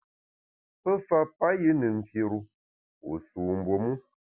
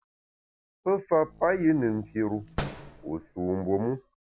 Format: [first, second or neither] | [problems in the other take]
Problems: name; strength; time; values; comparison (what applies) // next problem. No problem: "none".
first | background sound (Slam); 13 dB below the speech